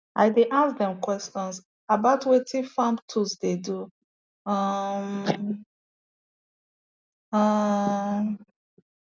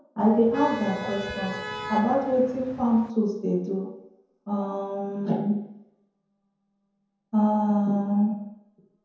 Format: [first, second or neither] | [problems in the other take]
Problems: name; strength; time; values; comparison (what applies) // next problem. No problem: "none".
first | background sound (Motor vehicle (road)); 11 dB below the speech // room echo; dies away in 0.9 s